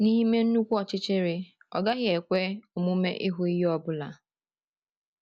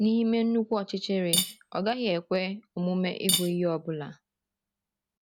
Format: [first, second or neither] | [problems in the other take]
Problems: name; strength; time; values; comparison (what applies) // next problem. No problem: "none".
first | background sound (Cutlery, silverware / Dishes, pots, and pans); 6 dB below the speech